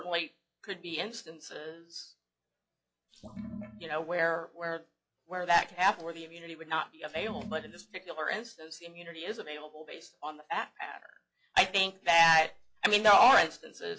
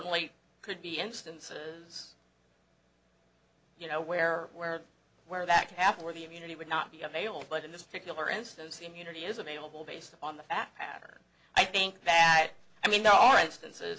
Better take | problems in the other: second | noise reduction (classical method log-MMSE)

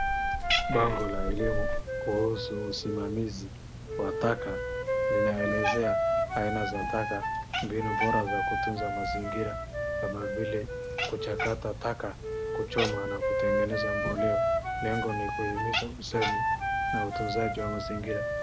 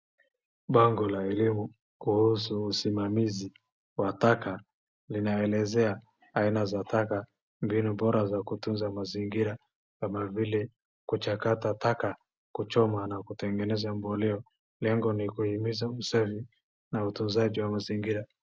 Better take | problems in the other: second | background sound (Wind instrument, woodwind instrument + Cat); 3 dB above the speech

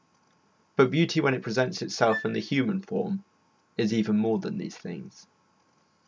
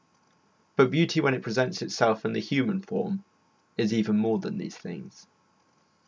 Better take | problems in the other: second | background sound (Wind instrument, woodwind instrument); 13 dB below the speech

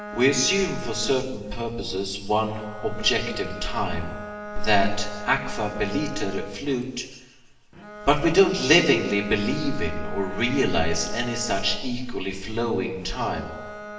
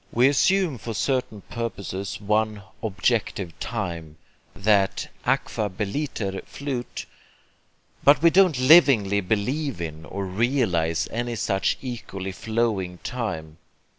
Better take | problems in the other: second | background sound (Bowed string instrument); 13 dB below the speech // room echo; dies away in 1.1 s

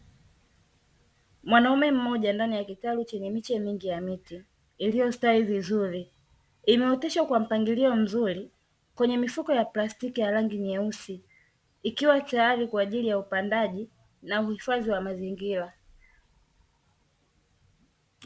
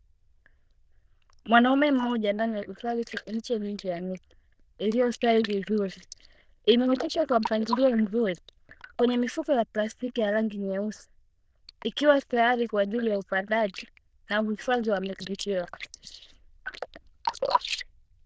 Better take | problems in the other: first | noise reduction (neural diffusion model UNIVERSE++)

